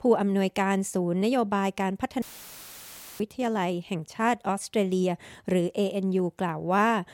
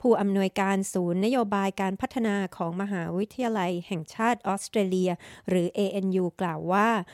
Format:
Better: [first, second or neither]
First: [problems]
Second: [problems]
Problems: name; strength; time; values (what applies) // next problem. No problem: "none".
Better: second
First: audio cutting out; filled with static; at 2 s for 1 s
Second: none